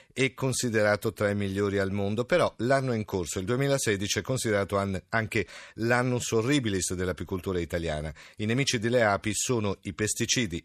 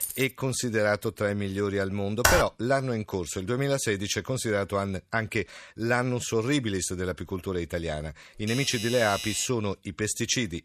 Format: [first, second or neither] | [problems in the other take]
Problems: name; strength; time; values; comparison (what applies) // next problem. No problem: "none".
first | jangling keys; noticeable; at the start; peak 5 dB below the speech // keyboard typing; loud; at 2 s; peak 5 dB above the speech // doorbell; noticeable; from 8.5 to 9.5 s; peak 4 dB below the speech